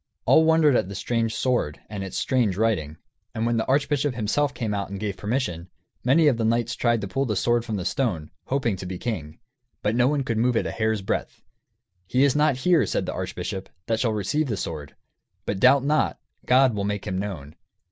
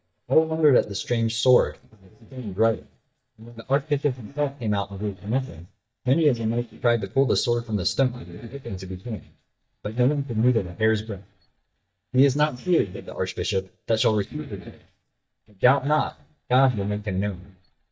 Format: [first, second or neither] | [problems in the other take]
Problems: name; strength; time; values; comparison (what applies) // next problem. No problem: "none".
first | noise reduction (neural mask model DeepFilterNet 3)